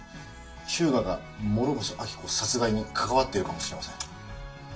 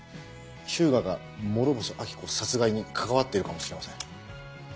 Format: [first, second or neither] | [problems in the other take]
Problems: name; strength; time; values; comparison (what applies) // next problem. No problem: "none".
second | room echo; dies away in 0.2 s